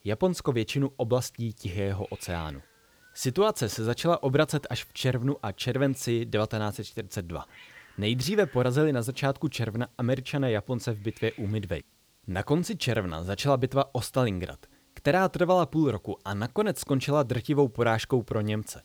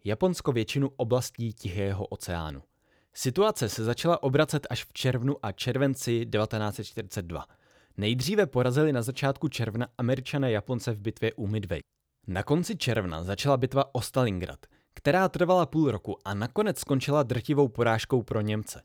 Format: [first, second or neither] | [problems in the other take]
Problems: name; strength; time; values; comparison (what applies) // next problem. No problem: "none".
second | hiss; faint; throughout; 30 dB below the speech